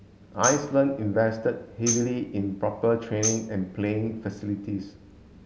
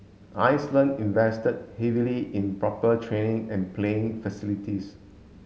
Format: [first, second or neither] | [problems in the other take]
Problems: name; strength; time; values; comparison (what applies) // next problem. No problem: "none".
second | background sound (Tambourine); 8 dB below the speech